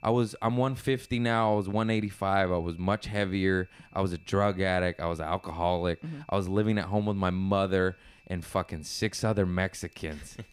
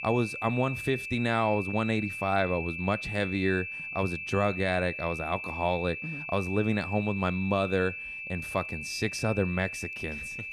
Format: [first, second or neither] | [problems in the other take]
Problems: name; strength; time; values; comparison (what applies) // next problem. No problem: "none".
first | high-pitched whine; loud; throughout; 2.5 kHz, 6 dB below the speech; faint in the first